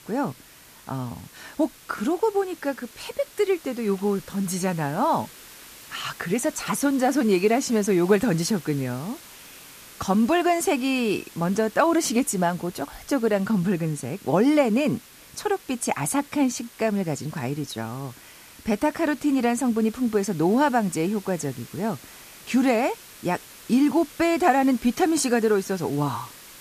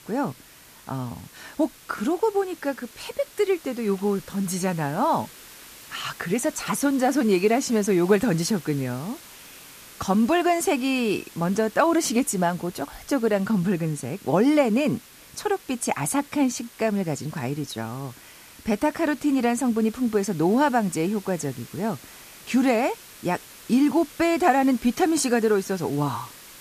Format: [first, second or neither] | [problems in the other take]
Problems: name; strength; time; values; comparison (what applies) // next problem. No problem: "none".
neither | hiss; noticeable; throughout; 20 dB below the speech; the same in both